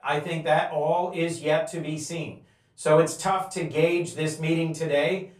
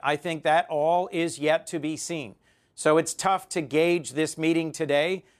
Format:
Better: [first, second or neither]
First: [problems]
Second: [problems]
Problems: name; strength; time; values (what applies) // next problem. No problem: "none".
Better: second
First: room echo; slight; dies away in 0.3 s // off-mic speech; far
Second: none